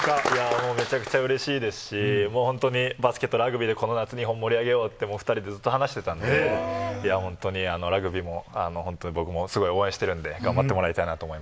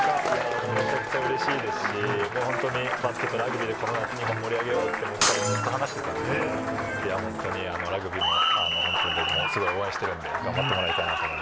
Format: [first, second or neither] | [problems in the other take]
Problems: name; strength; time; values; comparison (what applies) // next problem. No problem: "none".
first | background sound (Shatter + Applause); 3 dB above the speech